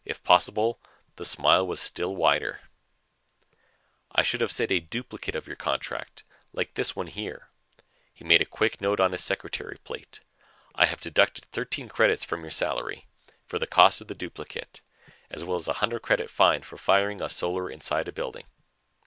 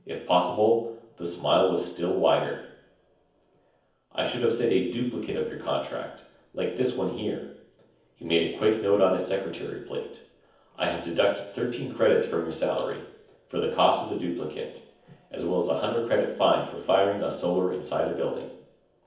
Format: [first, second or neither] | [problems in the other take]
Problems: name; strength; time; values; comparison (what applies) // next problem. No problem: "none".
first | room echo; dies away in 0.7 s